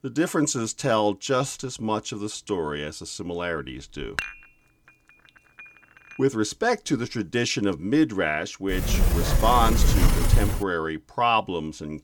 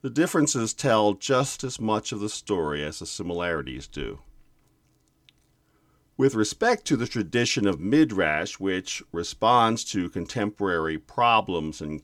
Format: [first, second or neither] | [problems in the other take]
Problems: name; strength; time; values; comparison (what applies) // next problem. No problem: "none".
second | clattering dishes; noticeable; at 4 s; peak 6 dB below the speech // door banging; loud; from 8.5 to 11 s; peak 4 dB above the speech